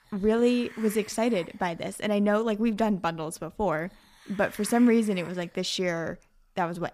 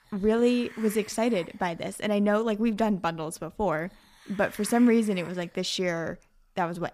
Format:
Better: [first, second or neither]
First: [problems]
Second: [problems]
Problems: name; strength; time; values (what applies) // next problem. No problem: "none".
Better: neither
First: hiss; faint; throughout; 20 dB below the speech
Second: hiss; faint; throughout; 20 dB below the speech